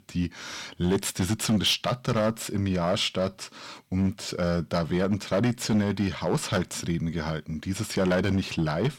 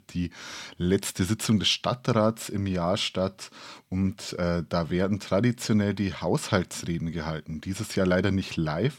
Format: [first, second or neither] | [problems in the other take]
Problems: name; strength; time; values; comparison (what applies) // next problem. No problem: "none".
second | distortion; slight; 5% of the sound clipped